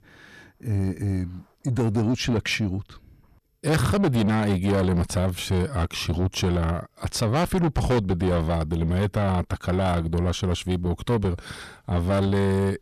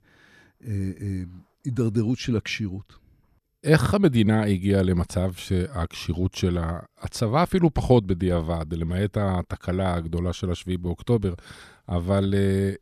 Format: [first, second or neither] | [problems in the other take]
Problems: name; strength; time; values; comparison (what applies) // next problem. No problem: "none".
second | distortion; heavy; 7 dB below the speech